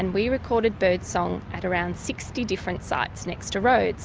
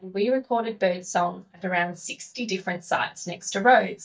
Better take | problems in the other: first | noise reduction (neural mask model DeepFilterNet 3)

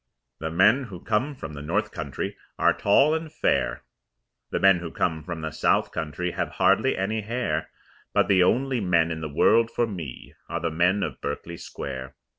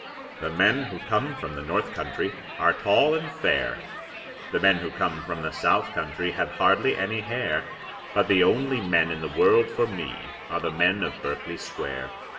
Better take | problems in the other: first | background sound (Crowd); 12 dB below the speech // room echo; dies away in 1.8 s

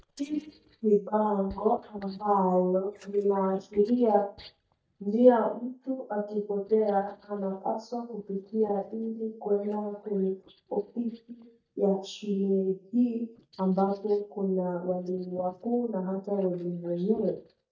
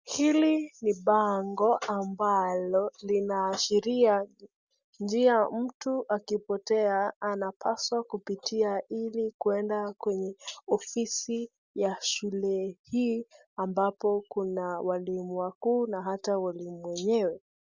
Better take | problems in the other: second | noise reduction (neural mask model DeepFilterNet 3)

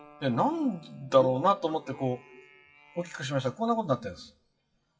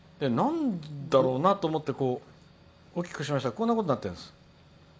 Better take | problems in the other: second | noise reduction (classical method WPE with log-MMSE)

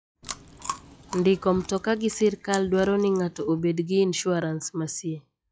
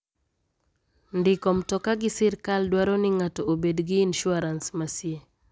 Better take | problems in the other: second | noise reduction (classical method log-MMSE)

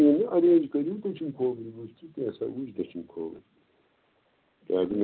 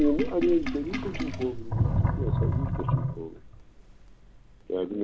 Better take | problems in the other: first | background sound (Sink (filling or washing)); 1 dB above the speech

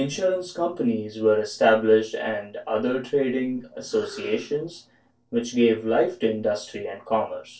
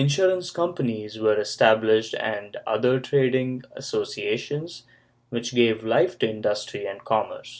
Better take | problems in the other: second | noise reduction (neural separator model SepFormer DNS4)

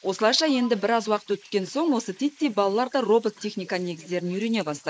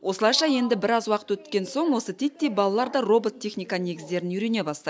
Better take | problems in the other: second | noise reduction (neural mask model Resemble Enhance denoiser)

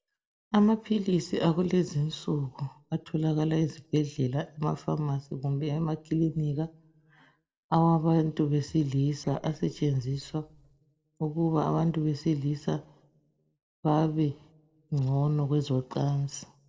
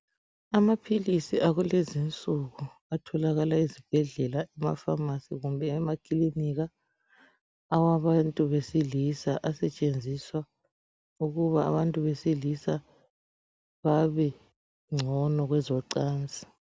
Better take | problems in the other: second | noise reduction (neural separator model SepFormer DNS4)

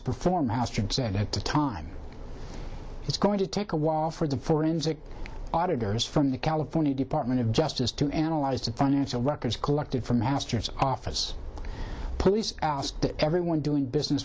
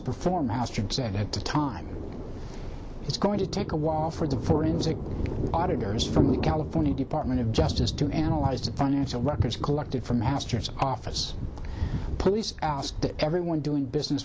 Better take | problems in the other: first | background sound (Thunder); 5 dB below the speech

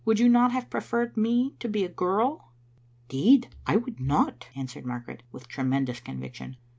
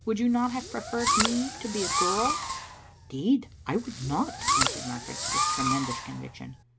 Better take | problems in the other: first | background sound (Fireworks); as loud as the speech

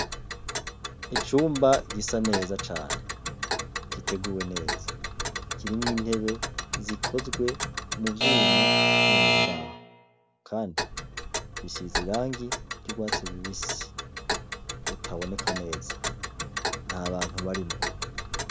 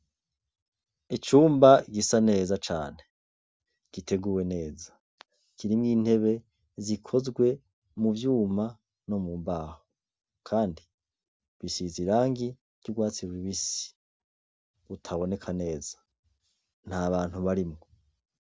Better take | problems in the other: second | background sound (Alarm / Clock); 3 dB above the speech

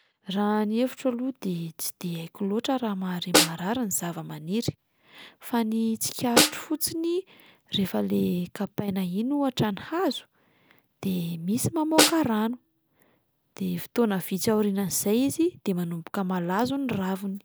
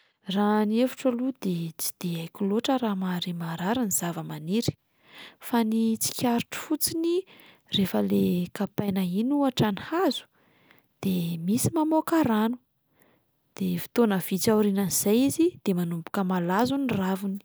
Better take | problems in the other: second | background sound (Snare drum); 1 dB below the speech

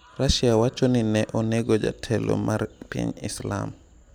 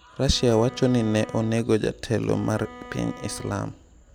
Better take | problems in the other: first | background sound (Bowed string instrument); 19 dB below the speech

